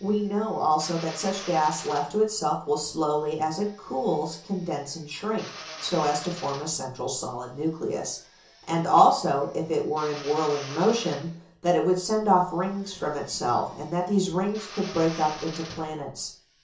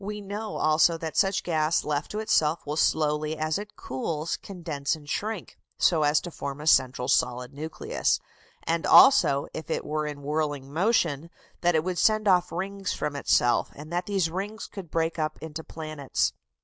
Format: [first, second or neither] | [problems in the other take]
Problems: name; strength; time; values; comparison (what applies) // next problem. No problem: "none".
second | background sound (Drill); 18 dB below the speech // room echo; dies away in 0.6 s